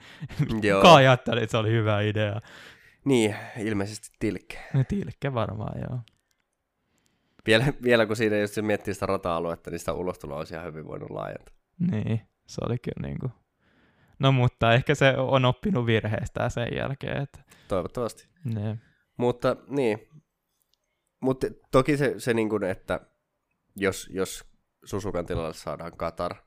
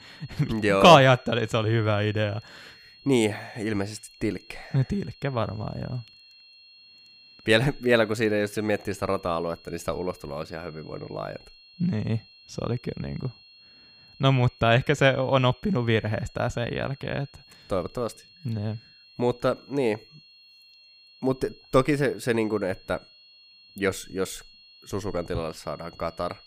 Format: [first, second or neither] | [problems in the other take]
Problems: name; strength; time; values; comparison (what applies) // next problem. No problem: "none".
first | high-pitched whine; faint; throughout; 4.5 kHz, 25 dB below the speech